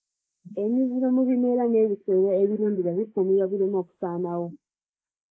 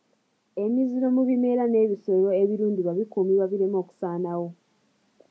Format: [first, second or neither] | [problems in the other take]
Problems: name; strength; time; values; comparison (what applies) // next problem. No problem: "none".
second | noise reduction (neural mask model Resemble Enhance denoiser)